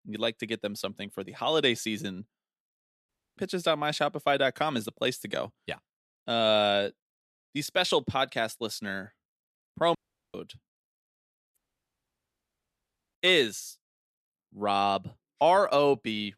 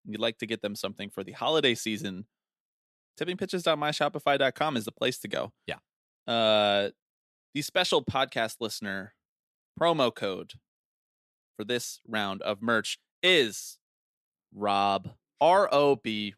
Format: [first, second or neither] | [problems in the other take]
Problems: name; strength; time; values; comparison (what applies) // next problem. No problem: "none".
second | audio cutting out; at 3 s, at 10 s and at 12 s for 1.5 s